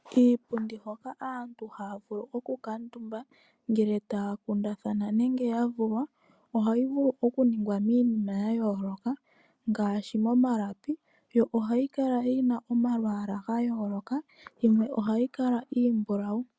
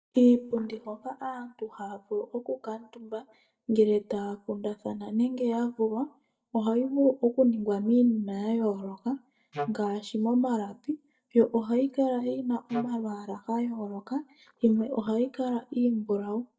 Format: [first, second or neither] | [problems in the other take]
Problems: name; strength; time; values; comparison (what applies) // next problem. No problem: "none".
first | noise reduction (neural mask model DeepFilterNet 3)